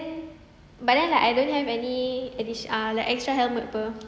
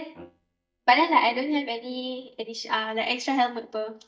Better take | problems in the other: first | noise reduction (neural mask model DeepFilterNet 3)

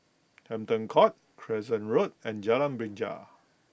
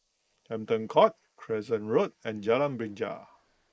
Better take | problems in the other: first | noise reduction (neural mask model Resemble Enhance denoiser)

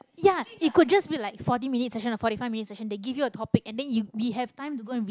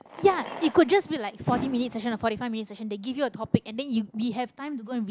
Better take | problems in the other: first | background sound (Fireworks); 15 dB below the speech

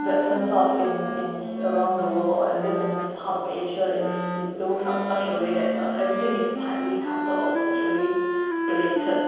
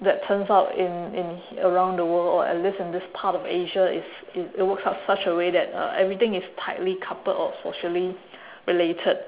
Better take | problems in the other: second | background sound (Wind instrument, woodwind instrument); 3 dB below the speech // room echo; dies away in 1.2 s

